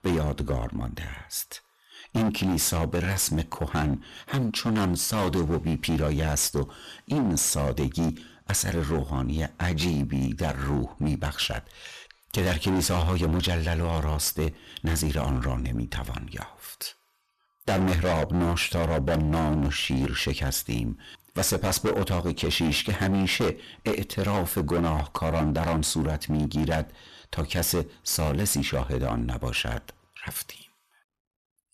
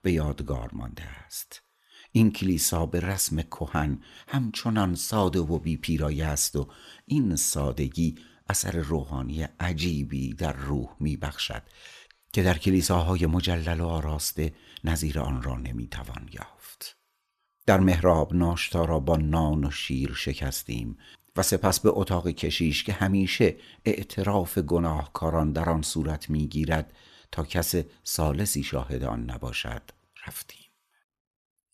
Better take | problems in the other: second | distortion; heavy; 18% of the sound clipped

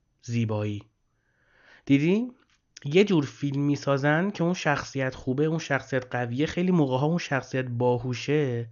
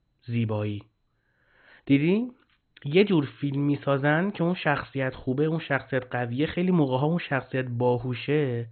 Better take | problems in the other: first | garbled, watery; badly; nothing above 4 kHz; slightly in the first

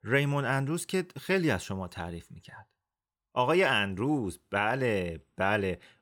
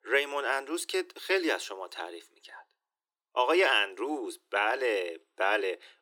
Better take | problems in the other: first | thin; very; fading below 300 Hz

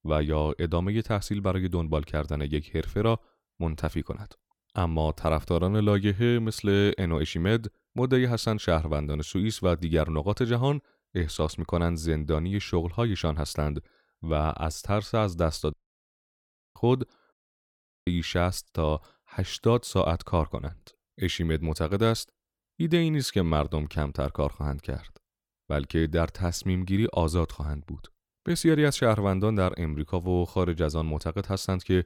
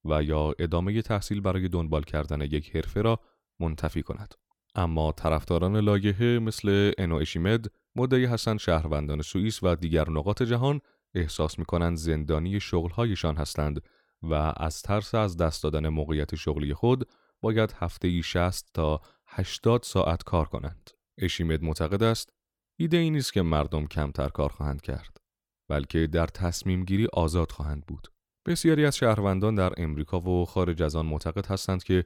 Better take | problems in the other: second | audio cutting out; at 16 s for 1 s and at 17 s for 0.5 s

